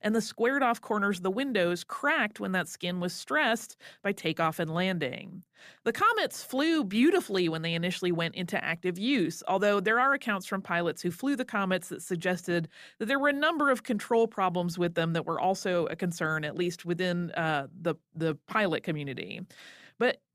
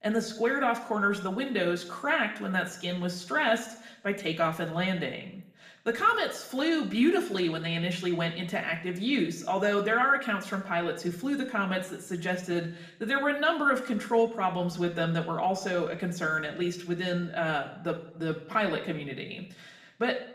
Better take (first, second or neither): first